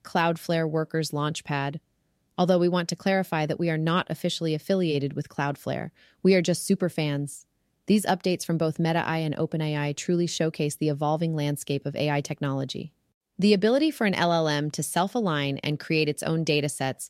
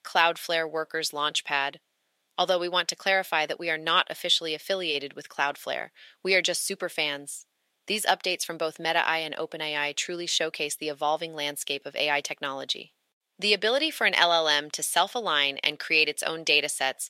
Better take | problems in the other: first | thin; very; fading below 650 Hz

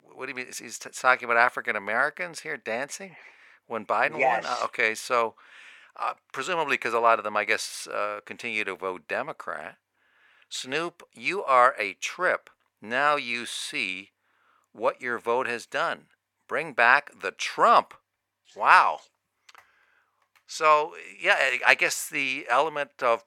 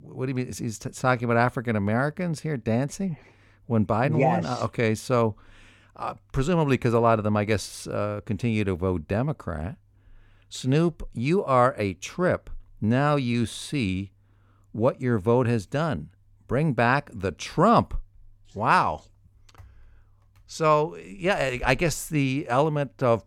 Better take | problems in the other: second | thin; very; fading below 650 Hz

